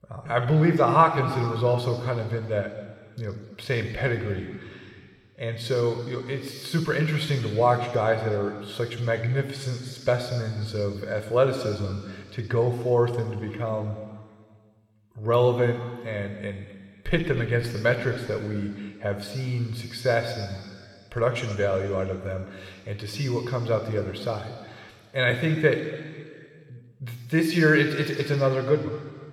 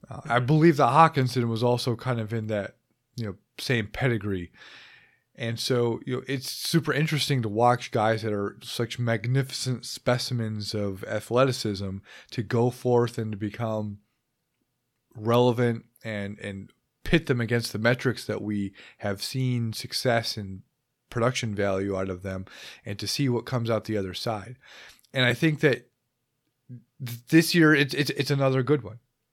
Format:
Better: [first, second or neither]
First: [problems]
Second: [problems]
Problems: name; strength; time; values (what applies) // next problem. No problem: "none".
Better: second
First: room echo; noticeable; dies away in 2.2 s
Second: none